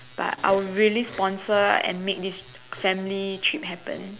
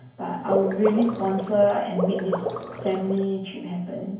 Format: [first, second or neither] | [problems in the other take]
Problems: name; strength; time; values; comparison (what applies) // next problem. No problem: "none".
first | background sound (Water / Liquid); 5 dB below the speech // room echo; dies away in 0.9 s